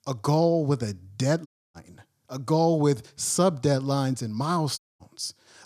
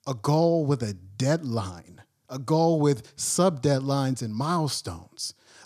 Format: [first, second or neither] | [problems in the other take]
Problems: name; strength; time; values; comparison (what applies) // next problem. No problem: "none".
second | audio cutting out; at 1.5 s and at 5 s